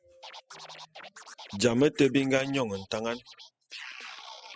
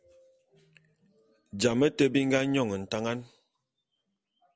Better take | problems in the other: second | noise reduction (classical method spectral subtraction)

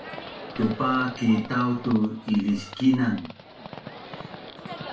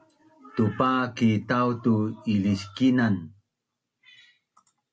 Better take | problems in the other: second | background sound (Livestock, farm animals, working animals); 14 dB below the speech // room echo; dies away in 0.3 s

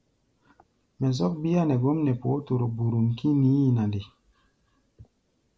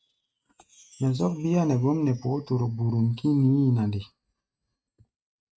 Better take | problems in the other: first | noise reduction (neural mask model RNNoise)

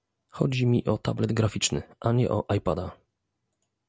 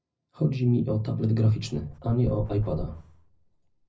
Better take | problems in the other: first | background sound (Dog); 14 dB below the speech // room echo; dies away in 0.4 s

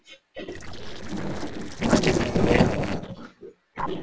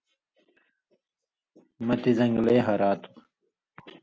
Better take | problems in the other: second | noise reduction (neural separator model SepFormer DNS4)

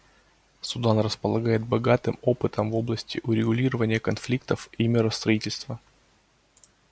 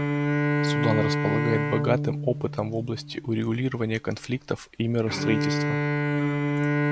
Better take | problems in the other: first | background sound (Bowed string instrument); 2 dB above the speech

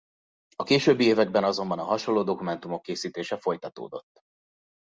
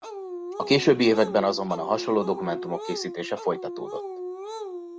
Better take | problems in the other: first | background sound (Dog); 9 dB below the speech

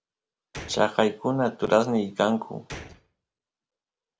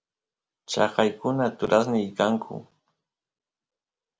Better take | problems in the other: second | background sound (Gunshot, gunfire); 20 dB below the speech

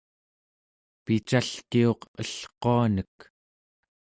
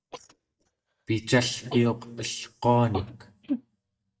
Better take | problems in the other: first | noise reduction (neural mask model DeepFilterNet 3)

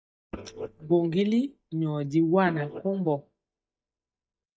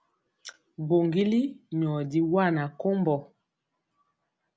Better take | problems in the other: second | noise reduction (neural mask model DeepFilterNet 3)

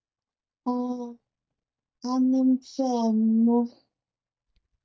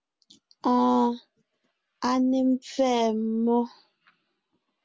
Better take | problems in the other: second | noise reduction (neural mask model DeepFilterNet 3)

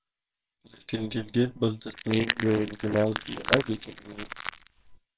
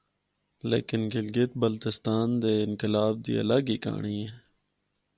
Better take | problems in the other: second | noise reduction (neural separator model SepFormer WHAMR!)

